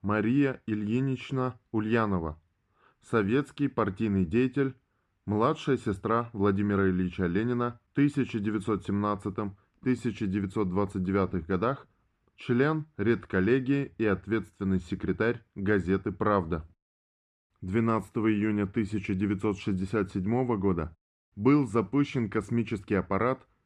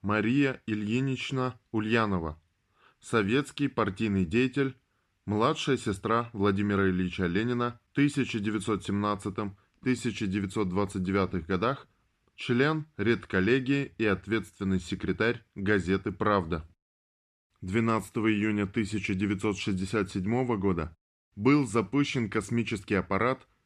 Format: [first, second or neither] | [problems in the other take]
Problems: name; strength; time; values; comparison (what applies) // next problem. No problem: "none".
second | muffled; slightly; fading above 2 kHz